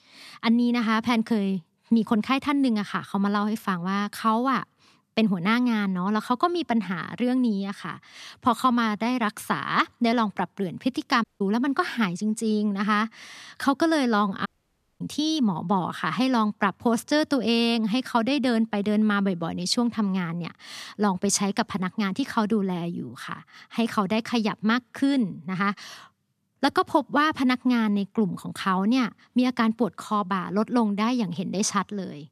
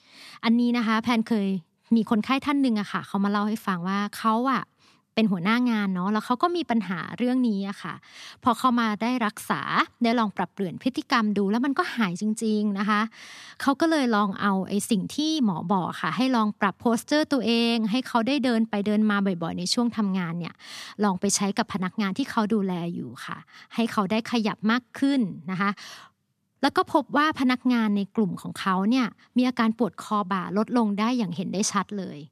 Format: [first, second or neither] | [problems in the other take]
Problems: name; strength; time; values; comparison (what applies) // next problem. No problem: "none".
second | audio cutting out; at 11 s and at 14 s for 0.5 s